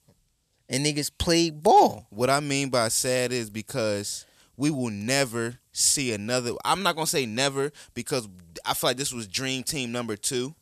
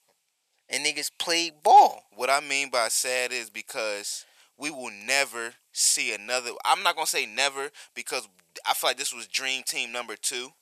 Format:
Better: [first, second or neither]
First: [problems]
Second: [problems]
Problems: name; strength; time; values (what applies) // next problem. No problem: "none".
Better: first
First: none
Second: thin; very; fading below 600 Hz